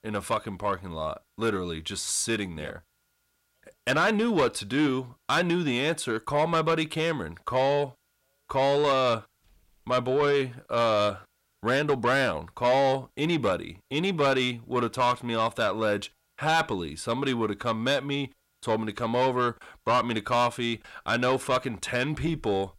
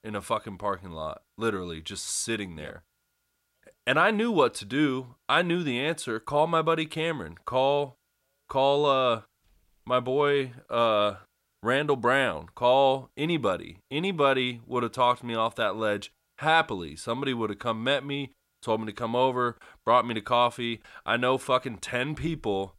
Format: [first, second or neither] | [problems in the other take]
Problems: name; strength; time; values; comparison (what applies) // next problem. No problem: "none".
second | distortion; slight; 10 dB below the speech